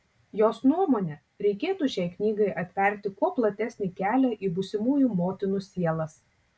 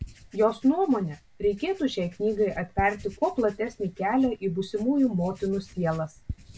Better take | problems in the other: first | background sound (Writing); 17 dB below the speech

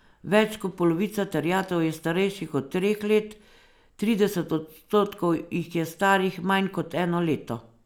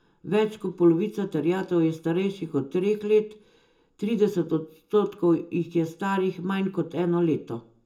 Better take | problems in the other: first | room echo; dies away in 0.2 s

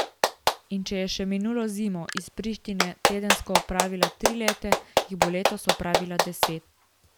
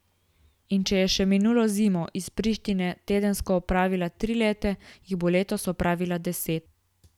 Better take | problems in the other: second | background sound (Clapping); 3 dB above the speech

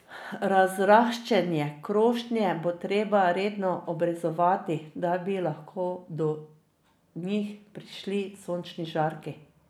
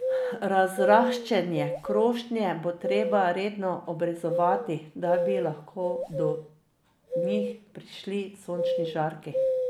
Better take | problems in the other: first | background sound (Bird vocalization, bird call, bird song); 3 dB below the speech

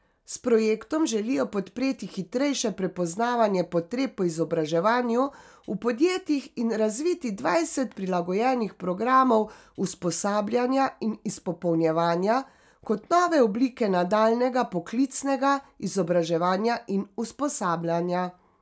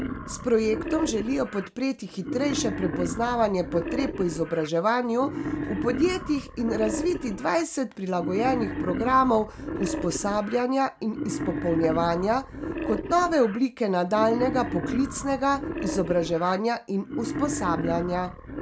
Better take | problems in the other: first | background sound (Wild animals); 7 dB below the speech

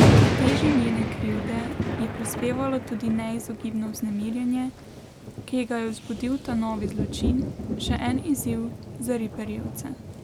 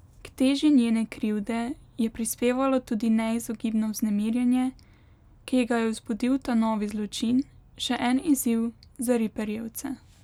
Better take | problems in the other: second | background sound (Thunder); 2 dB above the speech

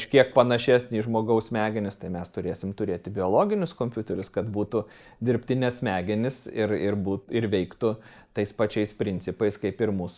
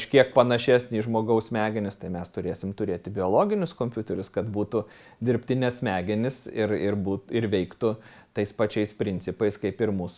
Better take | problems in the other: second | noise reduction (neural mask model Resemble Enhance denoiser)

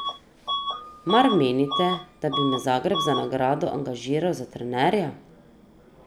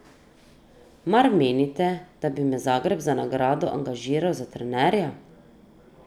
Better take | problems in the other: second | background sound (Bus / Alarm); 8 dB below the speech

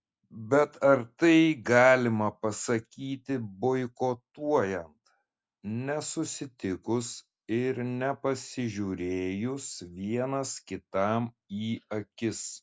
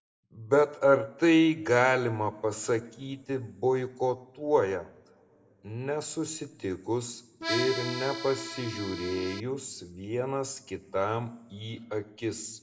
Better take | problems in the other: first | background sound (Accordion); 6 dB below the speech // room echo; dies away in 0.7 s

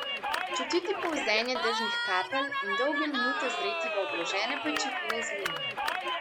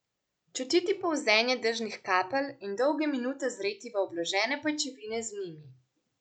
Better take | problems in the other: second | background sound (Cheering); 2 dB above the speech

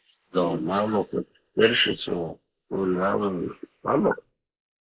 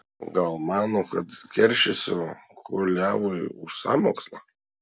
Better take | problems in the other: second | noise reduction (neural mask model Resemble Enhance denoiser)

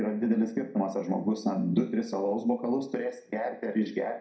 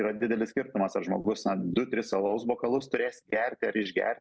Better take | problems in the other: second | room echo; dies away in 0.4 s

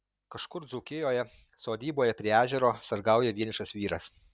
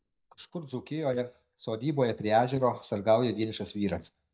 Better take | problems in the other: first | noise reduction (neural mask model DeepFilterNet 3)

